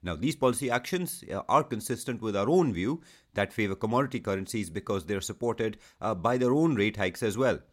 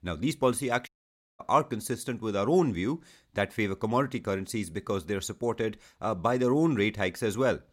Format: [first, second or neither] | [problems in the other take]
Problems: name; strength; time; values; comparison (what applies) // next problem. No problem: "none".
first | audio cutting out; at 1 s for 0.5 s